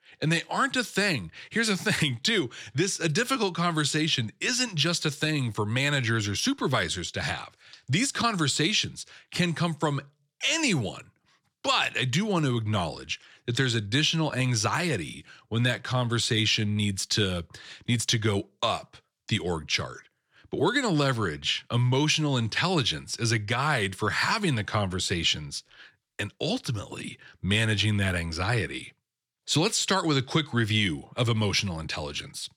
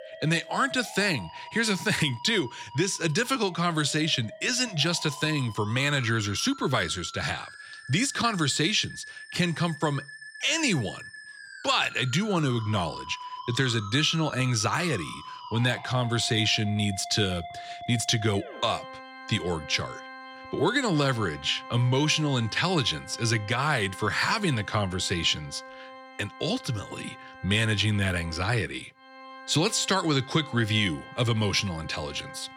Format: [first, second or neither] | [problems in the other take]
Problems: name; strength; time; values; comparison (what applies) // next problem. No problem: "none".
first | background music; noticeable; throughout; 15 dB below the speech